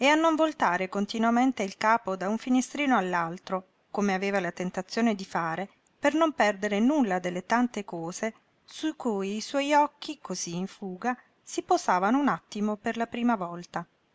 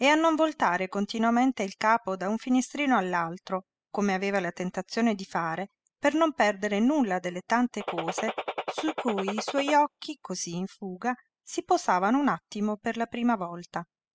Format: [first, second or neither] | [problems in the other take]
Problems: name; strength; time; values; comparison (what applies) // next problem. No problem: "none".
first | noise reduction (classical method spectral subtraction)